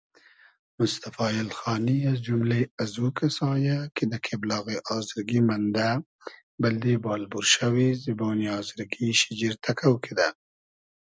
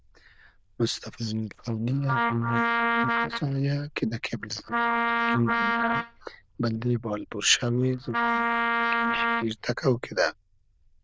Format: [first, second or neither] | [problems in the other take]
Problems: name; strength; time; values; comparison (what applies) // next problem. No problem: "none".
first | noise reduction (neural diffusion model UNIVERSE++)